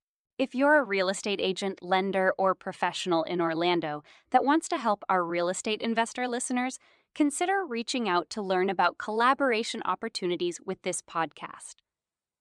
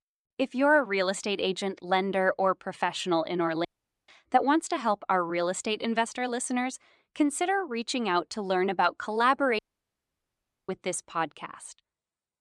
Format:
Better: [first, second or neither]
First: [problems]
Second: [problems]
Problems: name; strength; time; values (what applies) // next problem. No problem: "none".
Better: first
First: none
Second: audio cutting out; at 3.5 s and at 9.5 s for 1 s